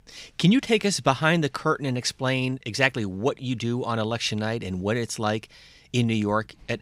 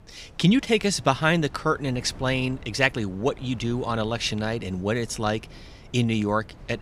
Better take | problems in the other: first | wind noise on the microphone; occasional gusts; 25 dB below the speech

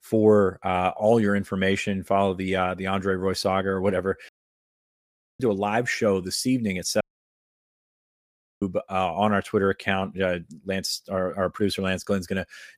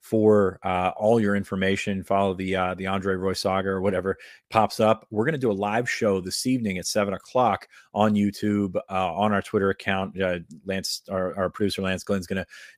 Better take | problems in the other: second | audio cutting out; at 4.5 s for 1 s and at 7 s for 1.5 s

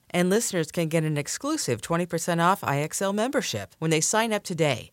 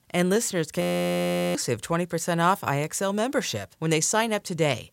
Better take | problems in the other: first | audio freezing; at 1 s for 0.5 s

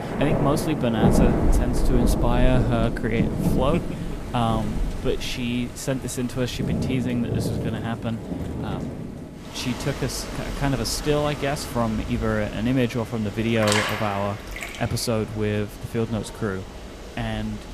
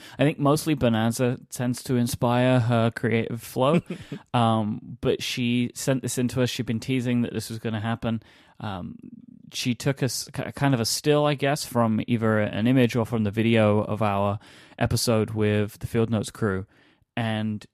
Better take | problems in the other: second | rain or running water; loud; throughout; 2 dB below the speech

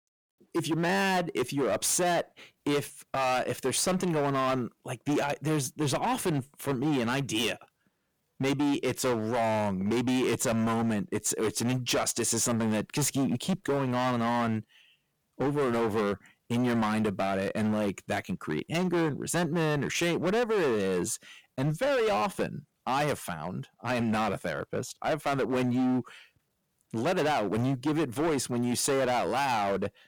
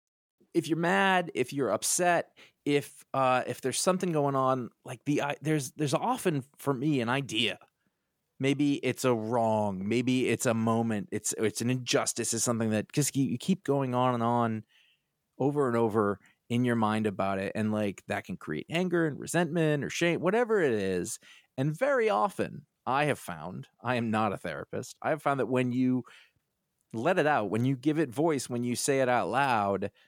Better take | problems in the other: second | distortion; heavy; 19% of the sound clipped

